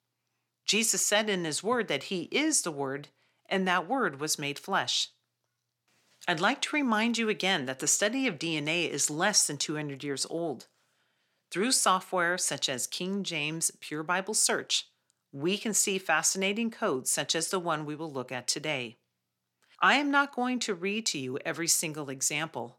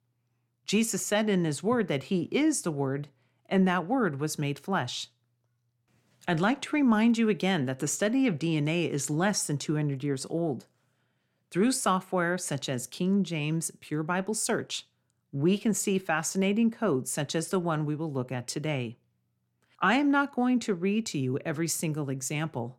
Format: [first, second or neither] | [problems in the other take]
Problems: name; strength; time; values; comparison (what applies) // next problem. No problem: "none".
second | thin; somewhat; fading below 650 Hz